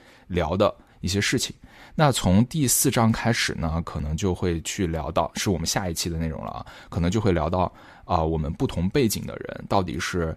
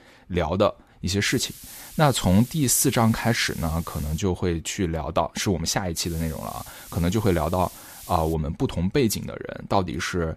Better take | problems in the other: first | hiss; noticeable; from 1.5 to 4 s and from 6 to 8.5 s; 15 dB below the speech

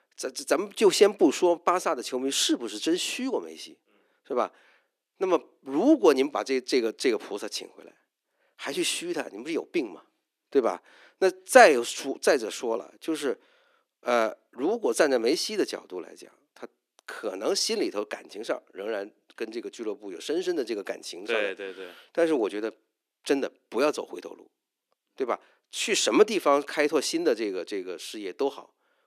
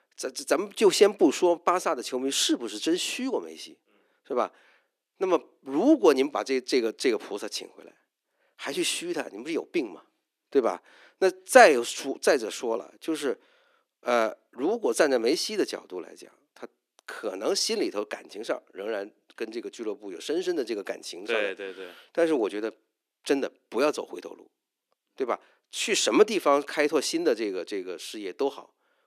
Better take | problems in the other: neither | thin; somewhat; fading below 300 Hz; the same in both

